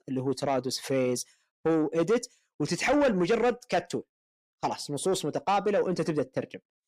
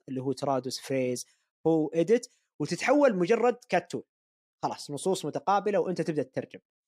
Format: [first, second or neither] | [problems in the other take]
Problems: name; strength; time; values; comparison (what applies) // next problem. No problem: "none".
second | distortion; slight; 10 dB below the speech